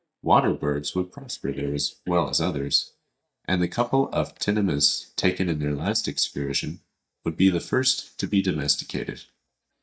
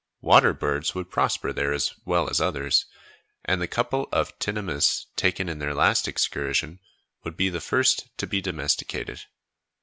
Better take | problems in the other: second | noise reduction (neural mask model DeepFilterNet 3)

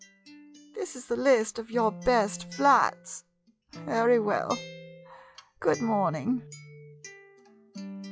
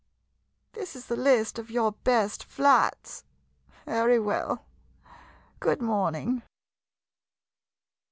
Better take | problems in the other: second | noise reduction (classical method log-MMSE)

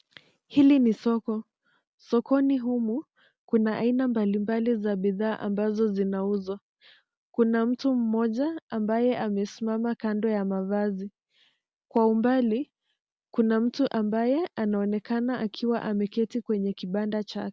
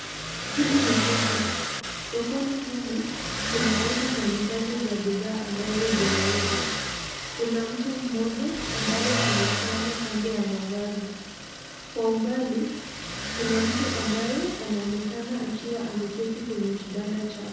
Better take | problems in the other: first | background sound (Motor vehicle (road)); 2 dB below the speech // room echo; dies away in 1.1 s

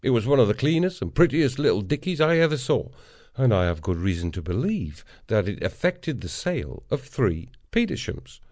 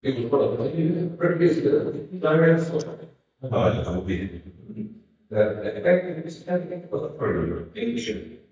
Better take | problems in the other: first | noise reduction (neural mask model DeepFilterNet 3)

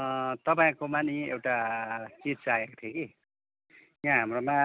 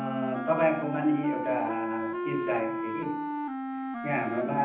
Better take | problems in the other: first | background sound (Wind instrument, woodwind instrument); 3 dB below the speech // room echo; dies away in 0.8 s

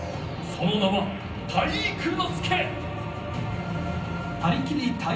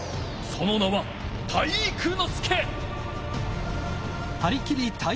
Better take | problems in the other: second | room echo; dies away in 0.6 s

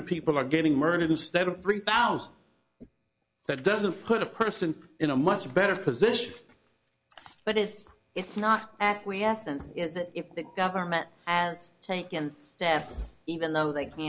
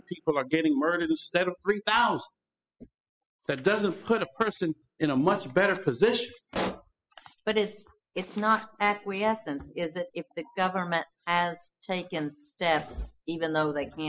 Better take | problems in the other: first | noise reduction (classical method spectral subtraction)

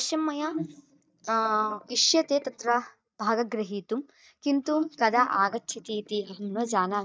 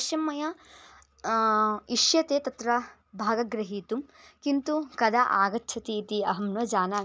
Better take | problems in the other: second | noise reduction (neural mask model DeepFilterNet 3)

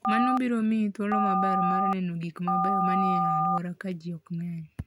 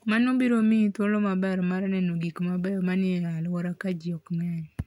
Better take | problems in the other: second | background sound (Telephone); 2 dB above the speech

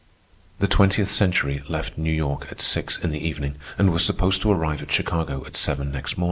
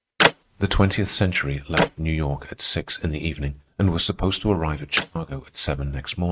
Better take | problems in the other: first | noise reduction (neural mask model RNNoise)

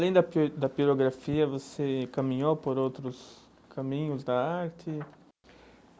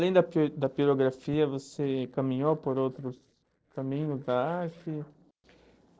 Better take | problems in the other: first | noise reduction (neural separator model SepFormer DNS4)

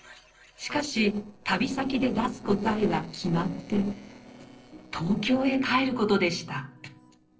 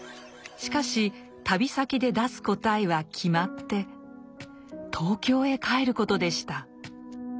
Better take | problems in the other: second | noise reduction (neural separator model SepFormer DNS4)

